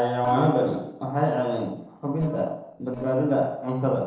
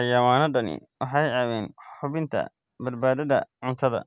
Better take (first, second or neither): second